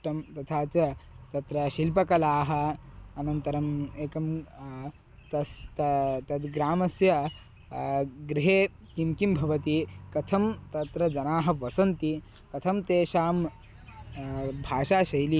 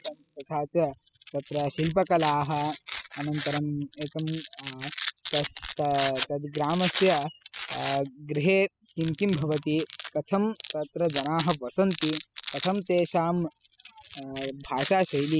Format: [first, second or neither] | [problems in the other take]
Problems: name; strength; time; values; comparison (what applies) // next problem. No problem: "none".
first | noise reduction (classical method spectral subtraction)